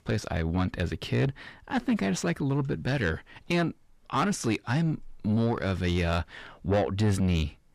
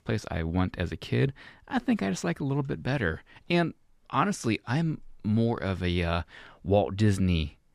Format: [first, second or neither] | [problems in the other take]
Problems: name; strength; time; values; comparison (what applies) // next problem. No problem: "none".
second | distortion; slight; 10 dB below the speech